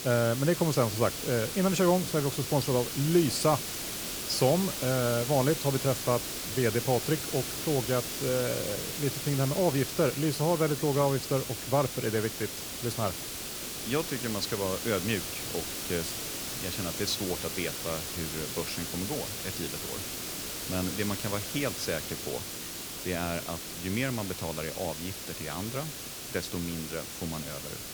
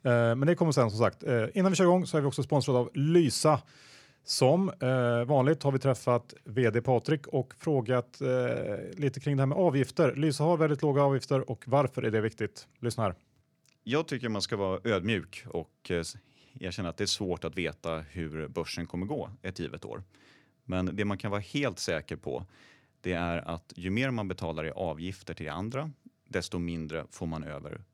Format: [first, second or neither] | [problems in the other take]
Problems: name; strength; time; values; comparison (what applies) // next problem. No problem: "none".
second | hiss; loud; throughout; 4 dB below the speech